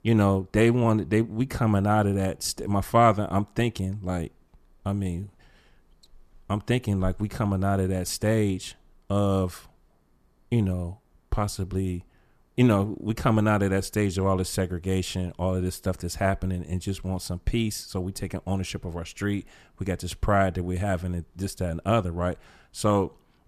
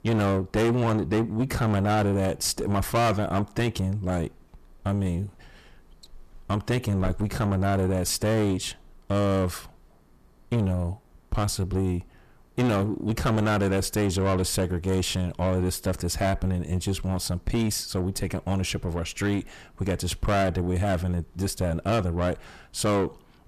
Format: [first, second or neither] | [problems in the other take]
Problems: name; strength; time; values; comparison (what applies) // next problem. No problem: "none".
first | distortion; heavy; 7 dB below the speech